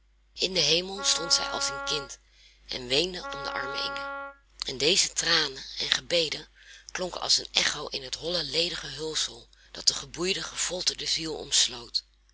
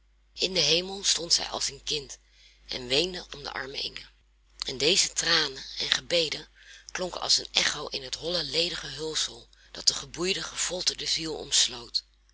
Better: second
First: background sound (Wind instrument, woodwind instrument); 9 dB below the speech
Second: none

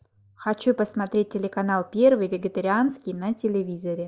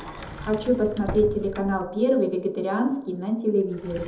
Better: first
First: none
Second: background sound (Sliding door); 14 dB below the speech // room echo; dies away in 0.8 s

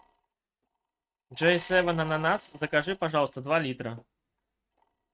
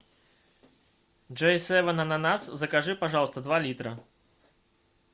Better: second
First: noise reduction (neural mask model RNNoise)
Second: none

